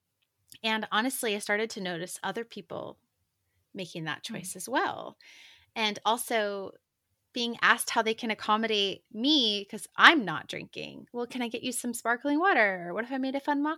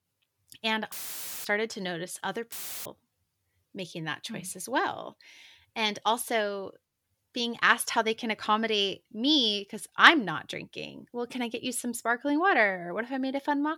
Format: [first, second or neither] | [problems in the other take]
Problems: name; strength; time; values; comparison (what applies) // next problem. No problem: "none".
first | audio cutting out; filled with static; at 1 s for 0.5 s and at 2.5 s